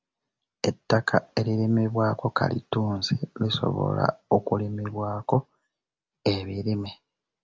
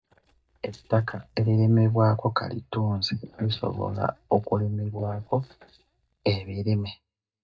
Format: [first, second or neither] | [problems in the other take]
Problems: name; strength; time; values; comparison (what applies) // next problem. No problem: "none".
first | noise reduction (neural mask model DeepFilterNet 3)